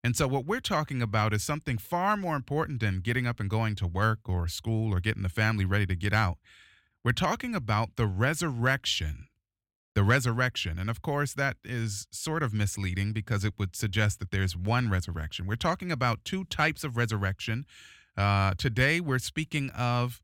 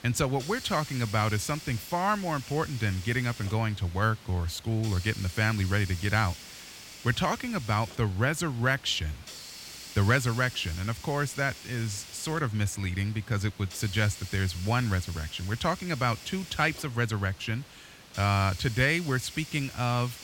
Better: first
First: none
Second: hiss; noticeable; throughout; 15 dB below the speech

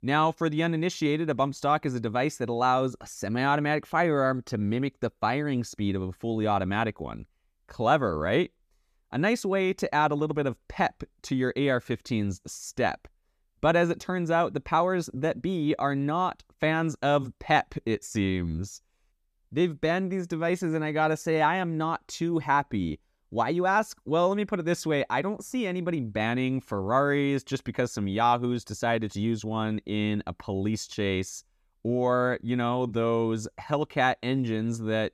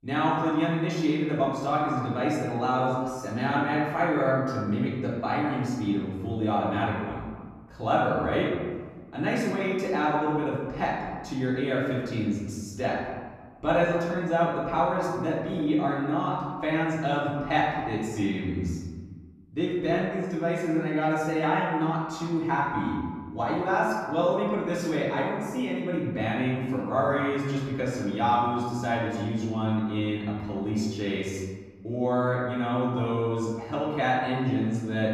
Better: first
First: none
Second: room echo; noticeable; dies away in 1.4 s // off-mic speech; far

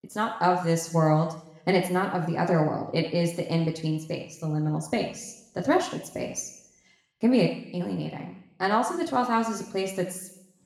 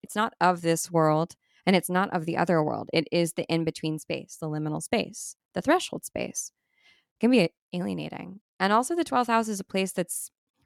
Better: second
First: room echo; slight; dies away in 0.7 s // off-mic speech; somewhat distant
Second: none

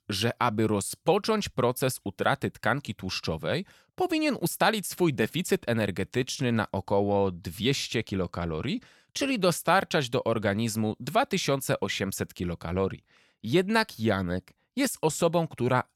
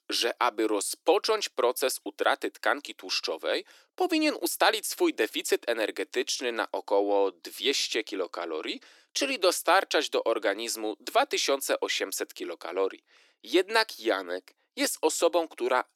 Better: first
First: none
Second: thin; somewhat; fading below 300 Hz

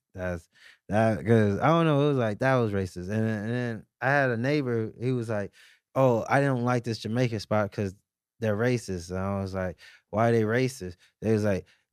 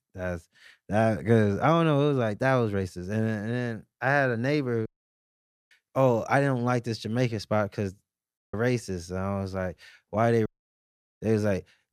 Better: first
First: none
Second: audio cutting out; at 5 s for 1 s, at 8.5 s and at 10 s for 1 s

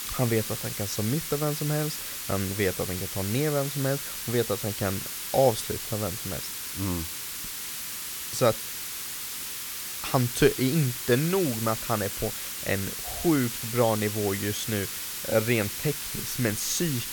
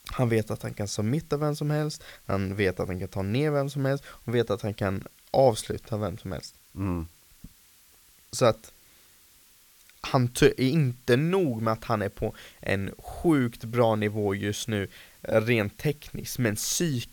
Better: second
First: hiss; loud; throughout; 4 dB below the speech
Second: hiss; faint; throughout; 25 dB below the speech

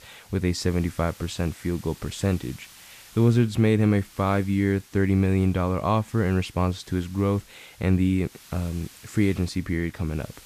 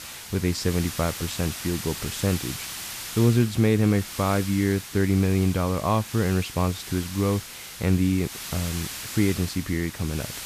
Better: first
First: hiss; faint; throughout; 25 dB below the speech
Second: hiss; loud; throughout; 9 dB below the speech

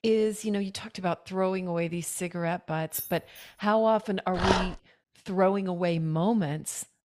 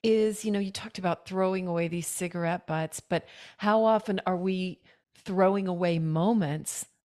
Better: second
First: jangling keys; noticeable; at 3 s; peak 6 dB below the speech // dog barking; loud; at 4.5 s; peak 2 dB above the speech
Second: none

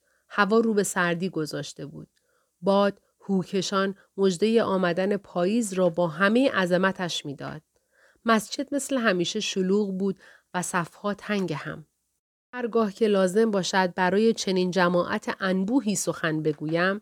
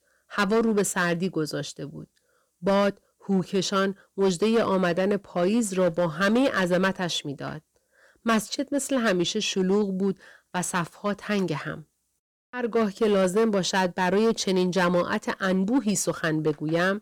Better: first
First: none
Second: distortion; slight; 6% of the sound clipped

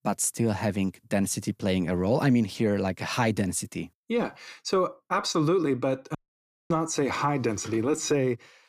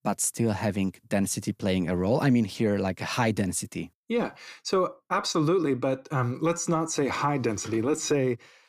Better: second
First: audio cutting out; at 6 s for 0.5 s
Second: none

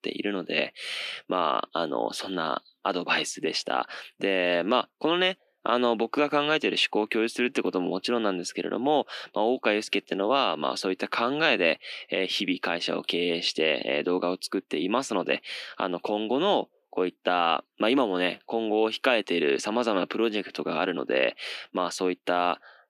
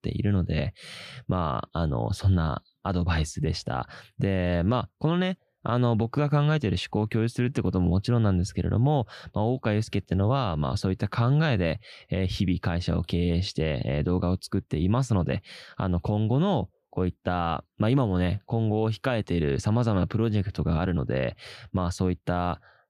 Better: second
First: thin; somewhat; fading below 250 Hz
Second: none

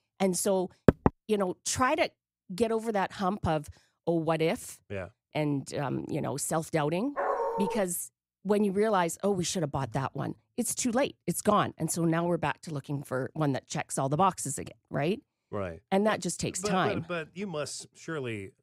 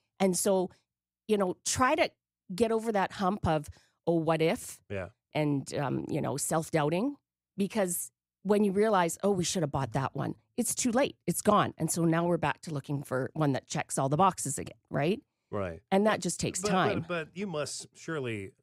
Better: second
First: door banging; loud; at 1 s; peak 5 dB above the speech // dog barking; loud; at 7 s; peak level with the speech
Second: none

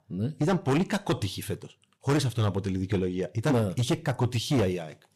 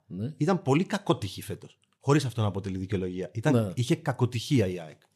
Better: second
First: distortion; heavy; 10% of the sound clipped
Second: none

